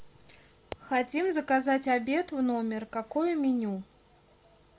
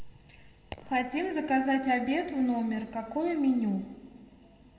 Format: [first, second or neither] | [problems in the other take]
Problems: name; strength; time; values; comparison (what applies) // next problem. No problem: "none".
first | room echo; dies away in 1.5 s